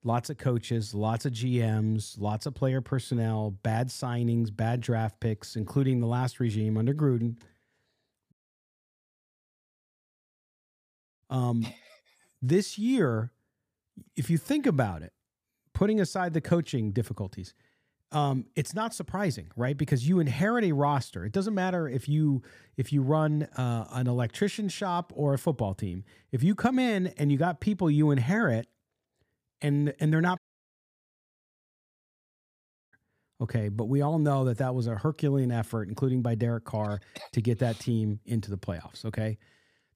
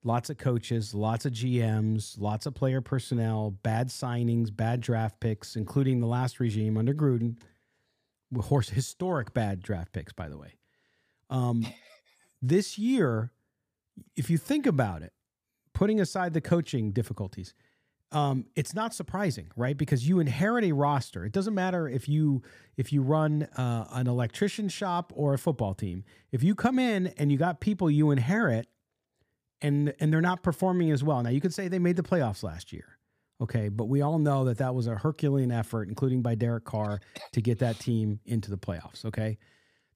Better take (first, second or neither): second